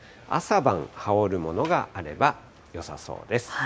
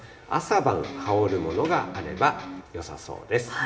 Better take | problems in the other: first | background sound (Electric guitar); 13 dB below the speech // room echo; dies away in 0.9 s

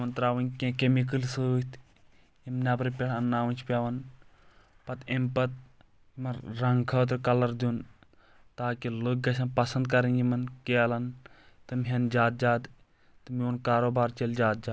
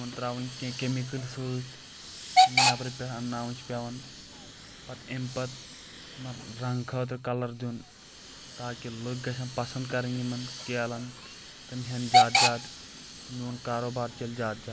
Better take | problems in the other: first | background sound (Hiss / Alarm / Train); 3 dB above the speech

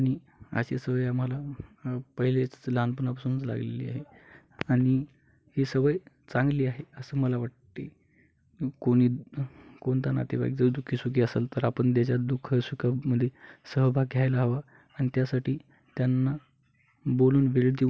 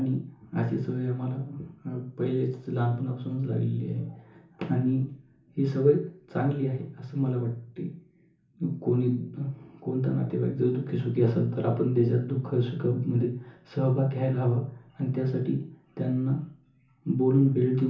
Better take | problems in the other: first | room echo; dies away in 0.7 s

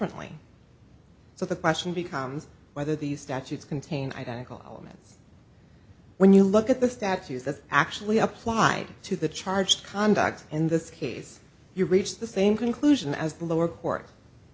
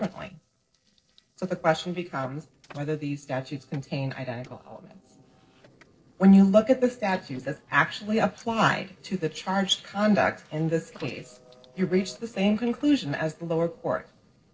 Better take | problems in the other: first | noise reduction (neural separator model SepFormer DNS4)

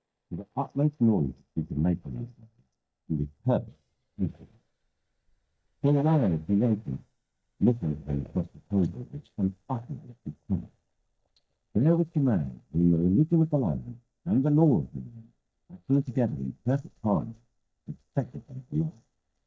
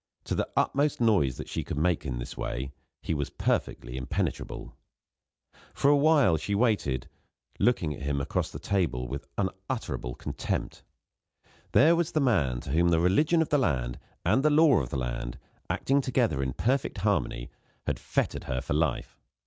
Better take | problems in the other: second | noise reduction (neural mask model DeepFilterNet 3)

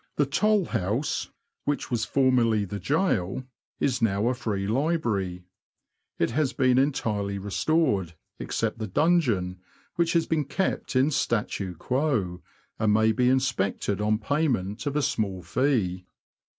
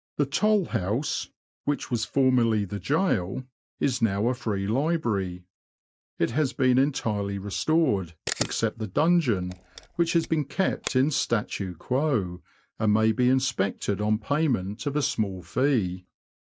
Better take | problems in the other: first | noise reduction (neural mask model DeepFilterNet 3)

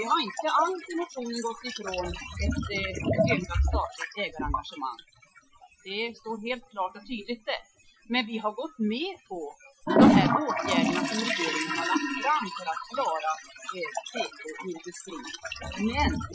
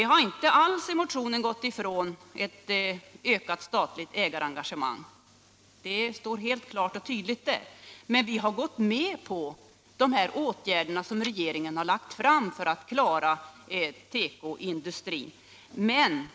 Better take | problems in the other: second | noise reduction (classical method Wiener filter)

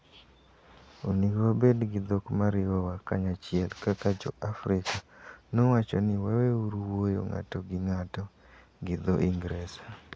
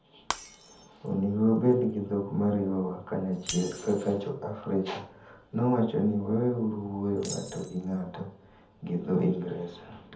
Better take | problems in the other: first | background sound (Shatter); 17 dB below the speech // room echo; dies away in 0.7 s

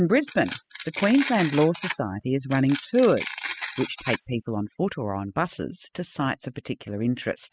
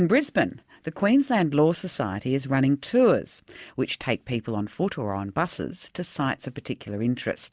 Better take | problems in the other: second | noise reduction (classical method spectral subtraction)

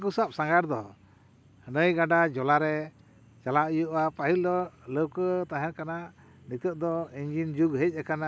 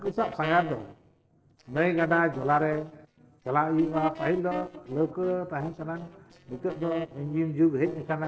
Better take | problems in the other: first | noise reduction (neural separator model SepFormer DNS4)

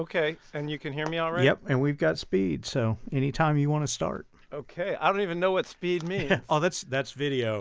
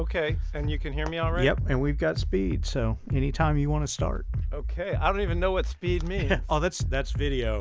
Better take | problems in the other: first | background sound (Bass drum); as loud as the speech

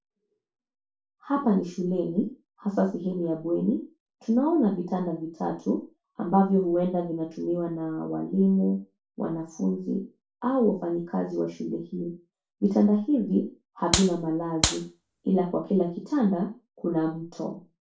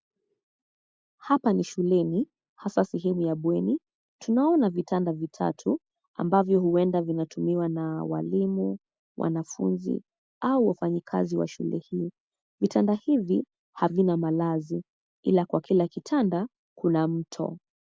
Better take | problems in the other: second | background sound (Clapping); 3 dB below the speech // room echo; dies away in 0.3 s

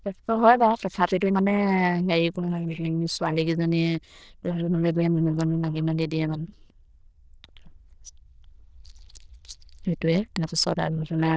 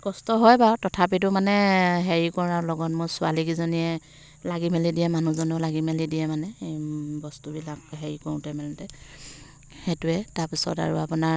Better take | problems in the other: second | noise reduction (neural diffusion model UNIVERSE++)

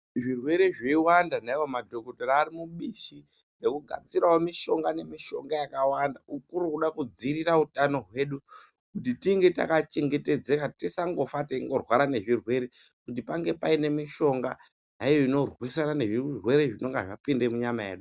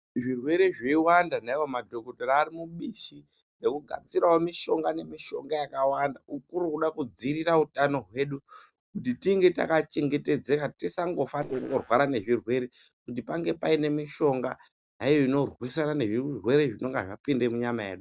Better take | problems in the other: first | noise reduction (neural separator model SepFormer DNS4)

